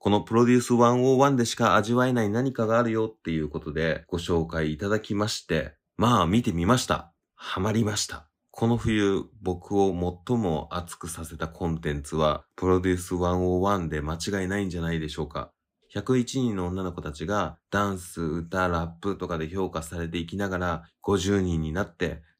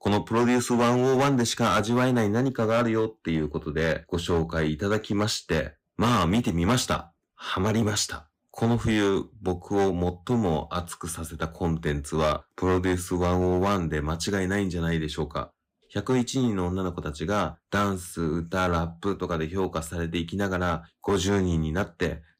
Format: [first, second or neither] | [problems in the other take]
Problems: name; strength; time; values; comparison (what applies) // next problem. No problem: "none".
first | distortion; slight; 8% of the sound clipped